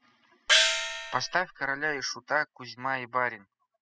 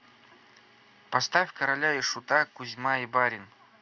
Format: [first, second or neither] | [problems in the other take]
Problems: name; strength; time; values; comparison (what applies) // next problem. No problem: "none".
second | noise reduction (classical method spectral subtraction)